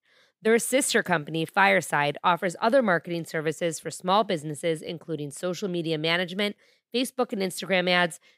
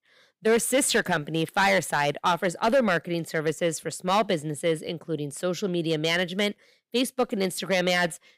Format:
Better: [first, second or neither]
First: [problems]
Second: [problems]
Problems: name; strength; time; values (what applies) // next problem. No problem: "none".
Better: first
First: none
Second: distortion; slight; 4% of the sound clipped